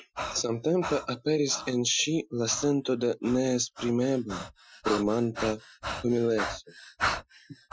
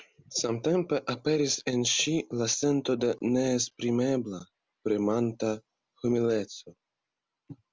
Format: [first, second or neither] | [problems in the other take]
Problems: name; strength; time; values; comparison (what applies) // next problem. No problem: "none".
second | noise reduction (classical method Wiener filter)